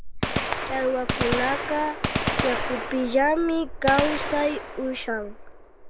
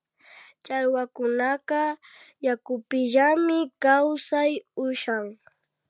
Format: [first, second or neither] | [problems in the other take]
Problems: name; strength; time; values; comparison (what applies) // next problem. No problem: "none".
second | background sound (Gunshot, gunfire); 3 dB below the speech